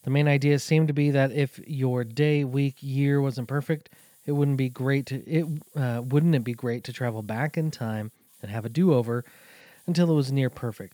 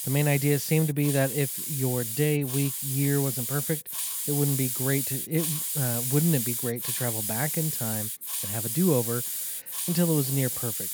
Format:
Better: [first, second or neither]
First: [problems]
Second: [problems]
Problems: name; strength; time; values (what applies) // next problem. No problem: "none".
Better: first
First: hiss; faint; throughout; 30 dB below the speech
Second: hiss; loud; throughout; 1 dB below the speech